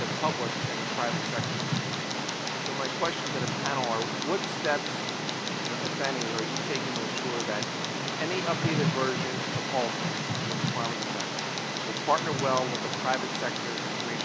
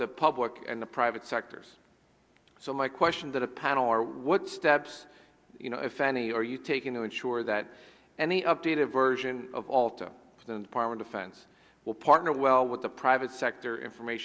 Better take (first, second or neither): second